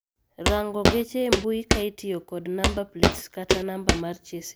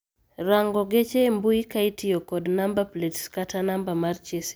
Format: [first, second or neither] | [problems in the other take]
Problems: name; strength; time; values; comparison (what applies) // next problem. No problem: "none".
second | background sound (Walk, footsteps); 5 dB above the speech